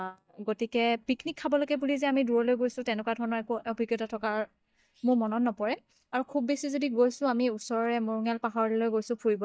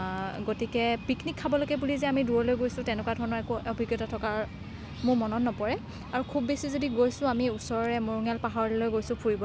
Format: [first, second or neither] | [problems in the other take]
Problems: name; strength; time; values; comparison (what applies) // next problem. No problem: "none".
second | noise reduction (neural mask model DeepFilterNet 3)